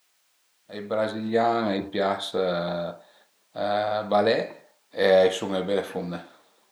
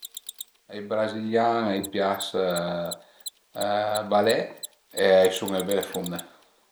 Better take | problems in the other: first | background sound (Mechanisms); 16 dB below the speech

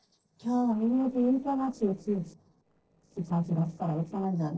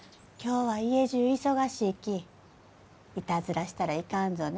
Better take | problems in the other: second | noise reduction (neural separator model SepFormer DNS4)

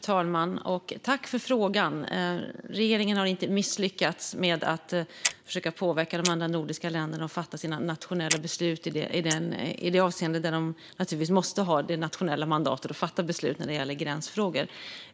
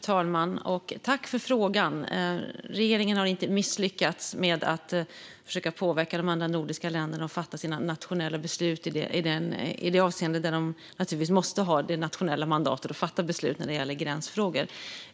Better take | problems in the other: second | noise reduction (neural mask model Resemble Enhance denoiser)

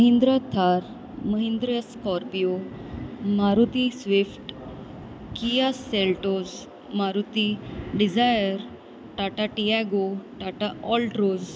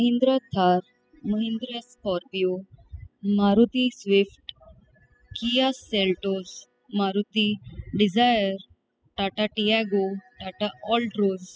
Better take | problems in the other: first | noise reduction (classical method spectral subtraction)

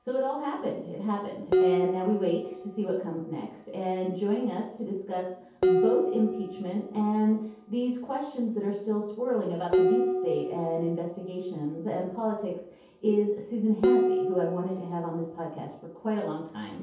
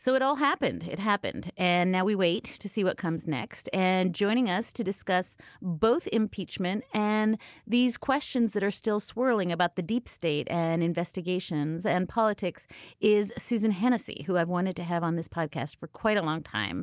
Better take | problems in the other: second | background sound (Dishes, pots, and pans); 2 dB below the speech // room echo; dies away in 0.7 s

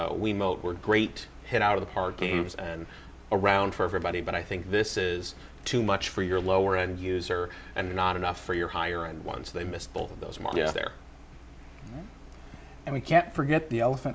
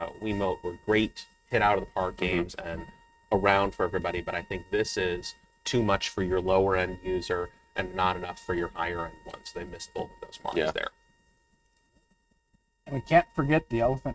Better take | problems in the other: first | noise reduction (neural mask model RNNoise)

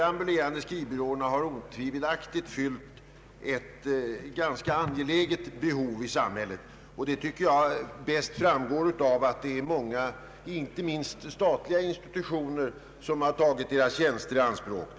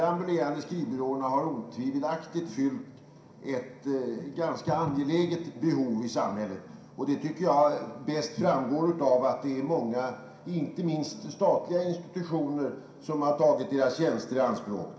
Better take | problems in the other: first | room echo; dies away in 0.5 s

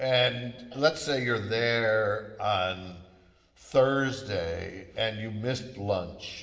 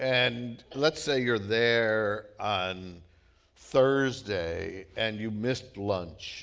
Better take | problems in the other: second | room echo; dies away in 1.1 s

